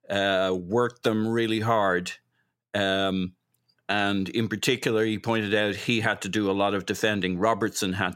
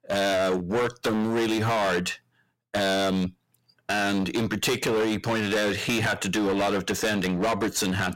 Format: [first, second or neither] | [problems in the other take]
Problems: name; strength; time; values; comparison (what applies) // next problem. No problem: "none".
first | distortion; heavy; 22% of the sound clipped